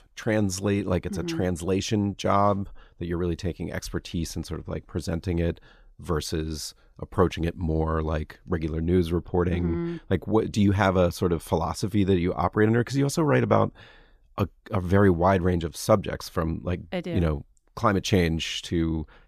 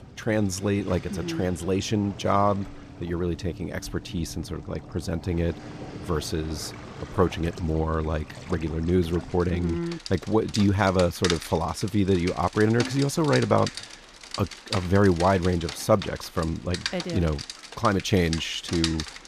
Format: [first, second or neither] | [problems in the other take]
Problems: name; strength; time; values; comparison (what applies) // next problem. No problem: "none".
first | rain or running water; noticeable; throughout; 10 dB below the speech